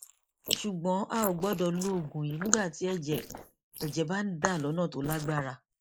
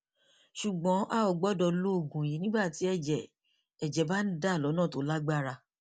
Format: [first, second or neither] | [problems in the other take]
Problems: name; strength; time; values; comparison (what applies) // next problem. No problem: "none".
second | noise reduction (neural mask model Resemble Enhance denoiser)